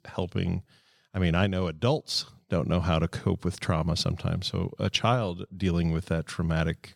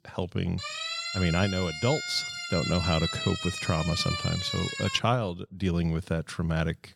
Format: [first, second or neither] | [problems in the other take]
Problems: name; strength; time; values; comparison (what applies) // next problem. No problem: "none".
first | siren; noticeable; from 0.5 to 5 s; peak 2 dB below the speech